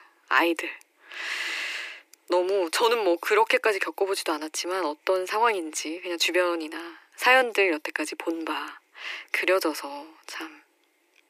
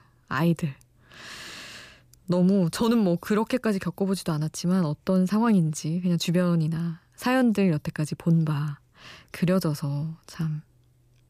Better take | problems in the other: second | thin; very; fading below 300 Hz

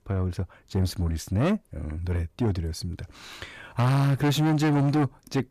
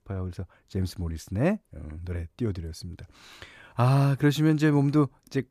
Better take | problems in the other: second | distortion; heavy; 7 dB below the speech

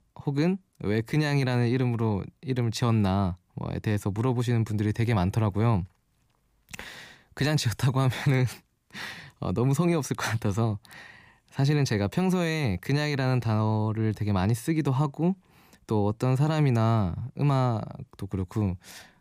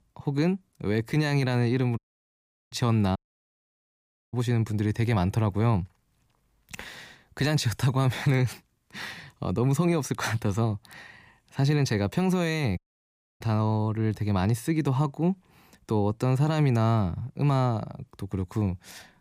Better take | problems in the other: first | audio cutting out; at 2 s for 0.5 s, at 3 s for 1 s and at 13 s for 0.5 s

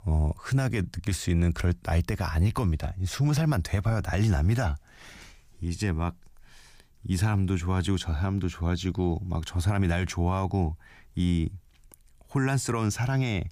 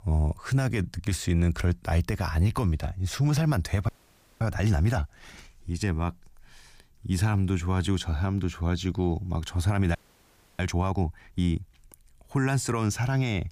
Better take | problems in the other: first | audio freezing; at 4 s for 0.5 s and at 10 s for 0.5 s

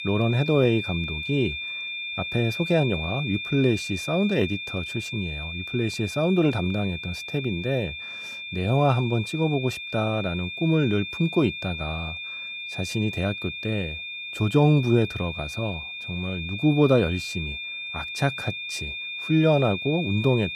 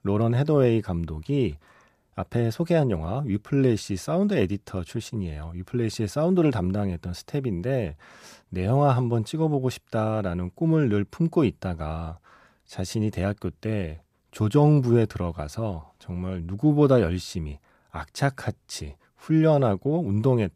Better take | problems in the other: second | high-pitched whine; loud; throughout; 2.5 kHz, 7 dB below the speech

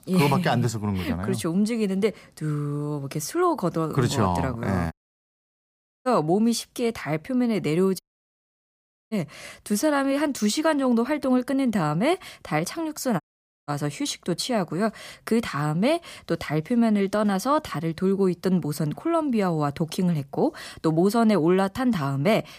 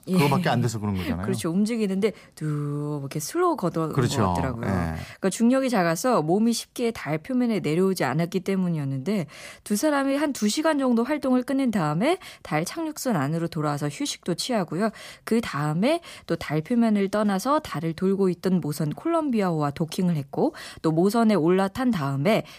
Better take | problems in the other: second | audio cutting out; at 5 s for 1 s, at 8 s for 1 s and at 13 s

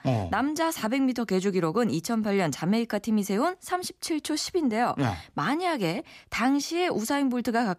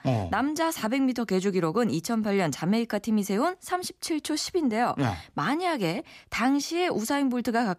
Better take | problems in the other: neither | none

